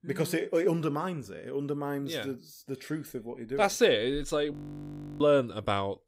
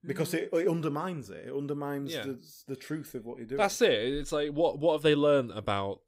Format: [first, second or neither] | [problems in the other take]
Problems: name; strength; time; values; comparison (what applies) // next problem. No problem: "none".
second | audio freezing; at 4.5 s for 0.5 s